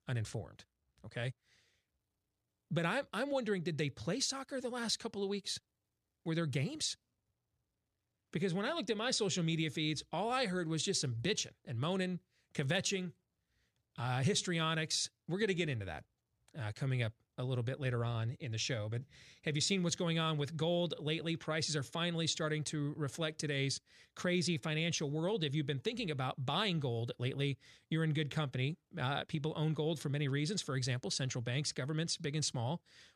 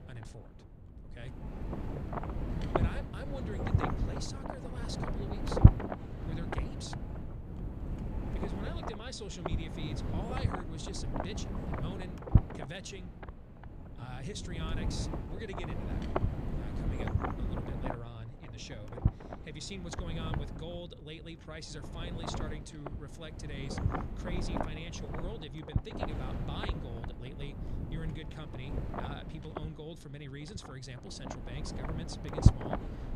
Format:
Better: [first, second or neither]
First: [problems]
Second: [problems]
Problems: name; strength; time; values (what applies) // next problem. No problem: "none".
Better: first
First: none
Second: wind noise on the microphone; heavy; 4 dB above the speech